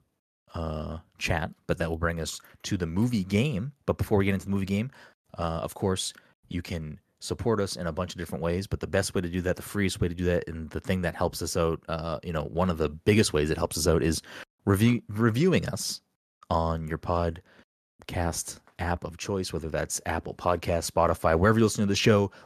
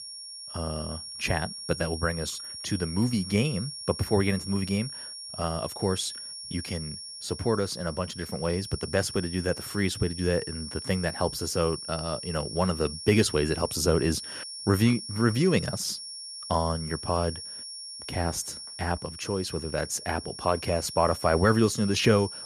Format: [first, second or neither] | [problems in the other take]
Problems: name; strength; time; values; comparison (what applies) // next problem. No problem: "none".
first | high-pitched whine; loud; throughout; 5.5 kHz, 9 dB below the speech